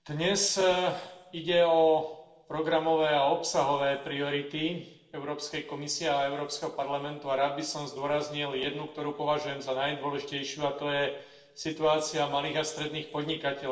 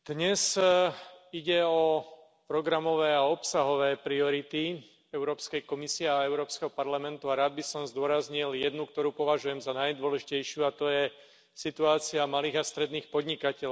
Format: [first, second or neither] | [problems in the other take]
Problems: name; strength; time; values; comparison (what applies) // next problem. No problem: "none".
second | room echo; dies away in 0.9 s